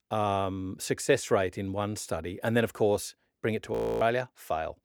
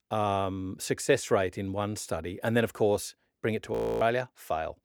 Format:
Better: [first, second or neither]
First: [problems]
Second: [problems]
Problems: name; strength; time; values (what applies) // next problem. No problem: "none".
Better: neither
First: audio freezing; at 3.5 s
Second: audio freezing; at 3.5 s